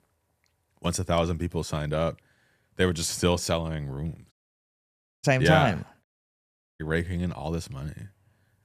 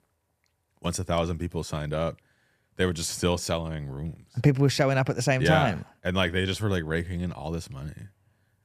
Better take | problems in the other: second | audio cutting out; at 4.5 s for 1 s and at 6 s for 1 s

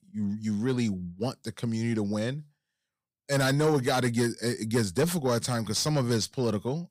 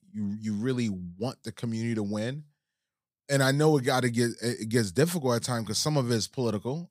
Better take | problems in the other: second | distortion; slight; 10 dB below the speech

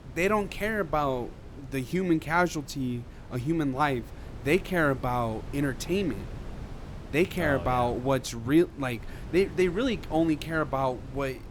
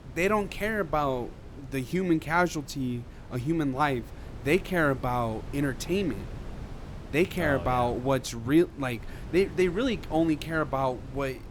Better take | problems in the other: neither | wind noise on the microphone; occasional gusts; 20 dB below the speech; the same in both

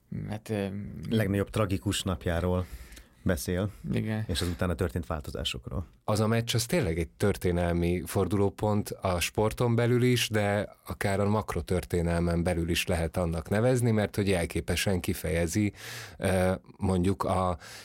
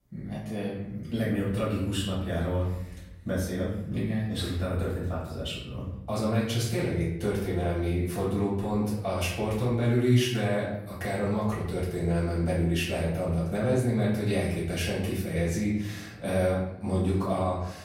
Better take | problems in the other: first | off-mic speech; far // room echo; noticeable; dies away in 0.8 s

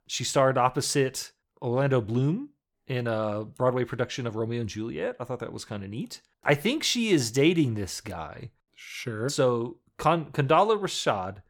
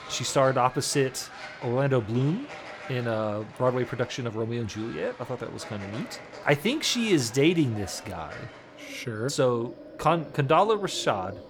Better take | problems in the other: first | animal sounds; noticeable; throughout; 15 dB below the speech

